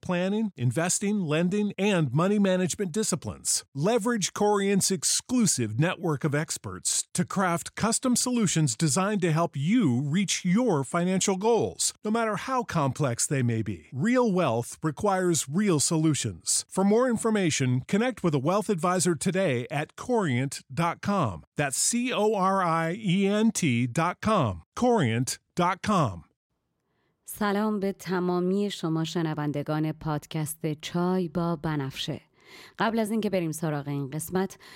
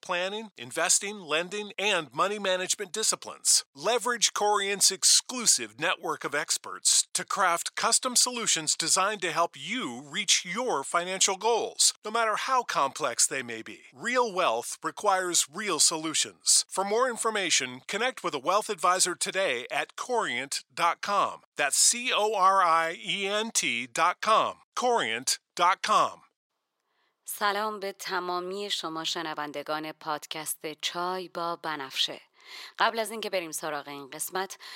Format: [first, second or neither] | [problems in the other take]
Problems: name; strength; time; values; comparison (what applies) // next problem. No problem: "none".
first | thin; very; fading below 600 Hz